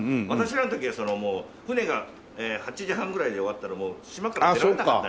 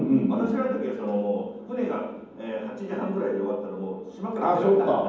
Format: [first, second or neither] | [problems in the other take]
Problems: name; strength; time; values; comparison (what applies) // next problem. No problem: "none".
first | room echo; dies away in 1.2 s